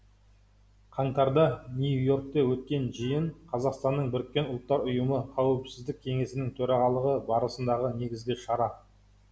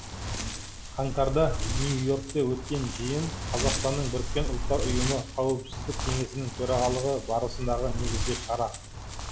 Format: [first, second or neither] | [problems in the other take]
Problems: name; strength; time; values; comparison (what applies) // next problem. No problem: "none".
first | background sound (Wind); 2 dB below the speech